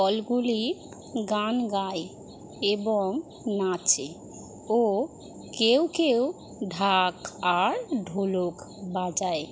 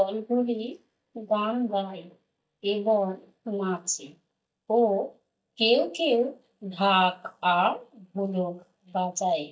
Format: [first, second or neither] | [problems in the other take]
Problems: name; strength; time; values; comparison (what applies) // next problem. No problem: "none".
first | noise reduction (neural mask model DeepFilterNet 3)